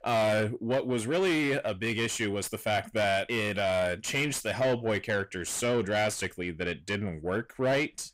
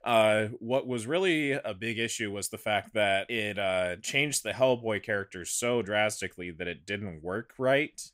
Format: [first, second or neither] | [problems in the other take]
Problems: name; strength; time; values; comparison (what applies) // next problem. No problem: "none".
second | distortion; heavy; 8 dB below the speech